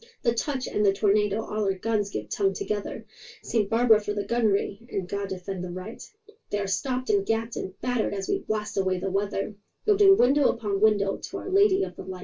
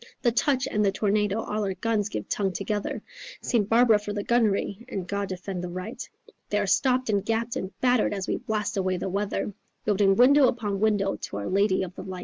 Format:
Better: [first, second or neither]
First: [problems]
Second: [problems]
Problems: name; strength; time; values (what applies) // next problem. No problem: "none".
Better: second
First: room echo; dies away in 0.2 s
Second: none